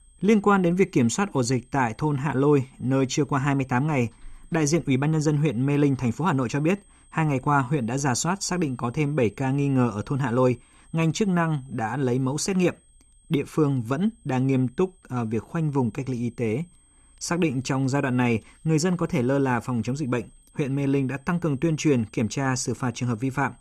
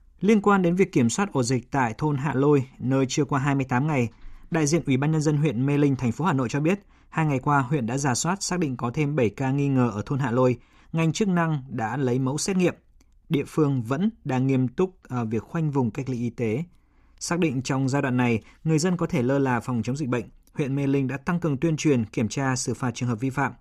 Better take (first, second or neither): second